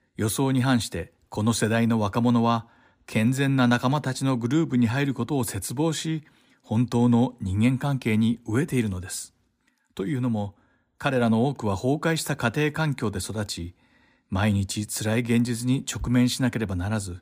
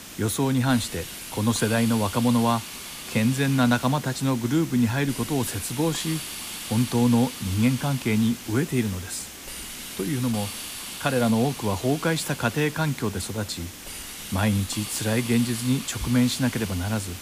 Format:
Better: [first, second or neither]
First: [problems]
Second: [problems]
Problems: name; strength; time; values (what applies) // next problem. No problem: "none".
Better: first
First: none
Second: hiss; loud; throughout; 10 dB below the speech